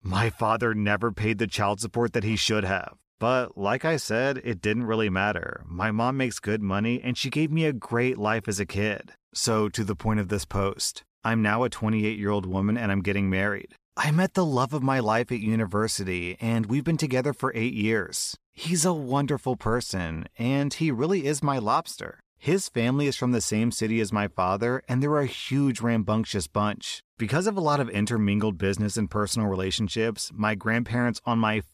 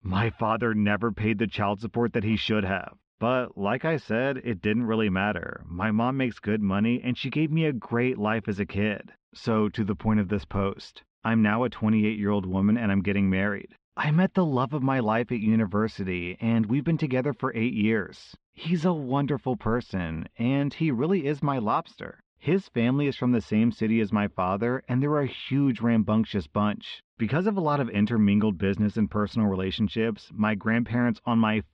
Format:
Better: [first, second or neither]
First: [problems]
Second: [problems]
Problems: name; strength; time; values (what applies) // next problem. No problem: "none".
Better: first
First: none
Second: muffled; very; fading above 3.5 kHz